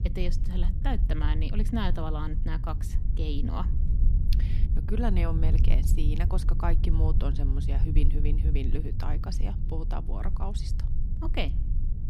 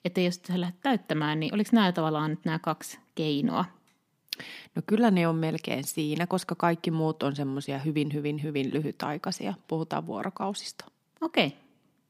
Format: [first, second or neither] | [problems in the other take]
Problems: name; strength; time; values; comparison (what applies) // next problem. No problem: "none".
second | low rumble; loud; throughout; 7 dB below the speech